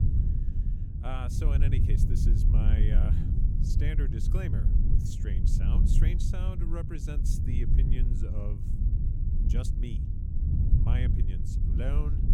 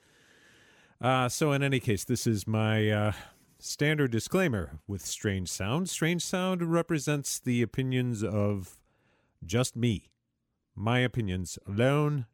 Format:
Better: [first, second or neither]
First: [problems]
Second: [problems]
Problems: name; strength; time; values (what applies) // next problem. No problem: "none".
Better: second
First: low rumble; loud; throughout; as loud as the speech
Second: none